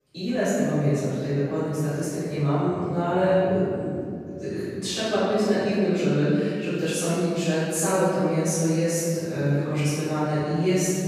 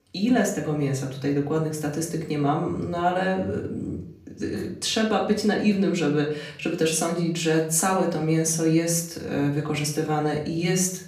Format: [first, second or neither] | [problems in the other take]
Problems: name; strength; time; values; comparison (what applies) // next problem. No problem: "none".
second | room echo; strong; dies away in 2.4 s; slight in the second // off-mic speech; far; far in the second